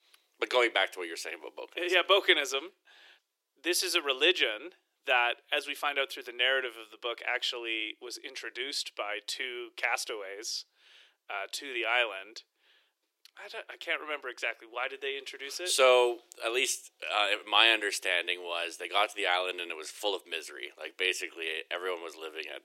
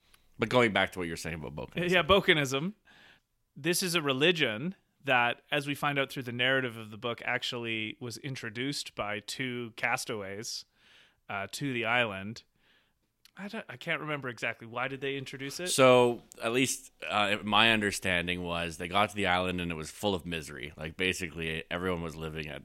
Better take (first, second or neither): second